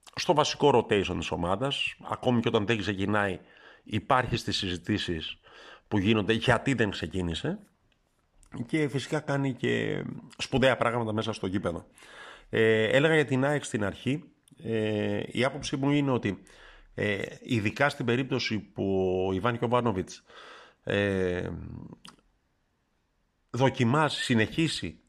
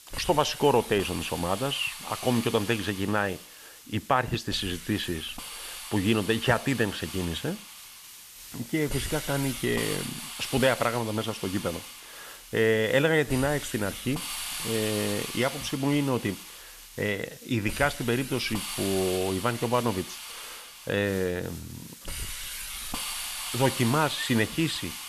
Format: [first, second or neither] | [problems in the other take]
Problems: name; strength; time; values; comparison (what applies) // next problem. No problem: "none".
first | hiss; loud; throughout; 9 dB below the speech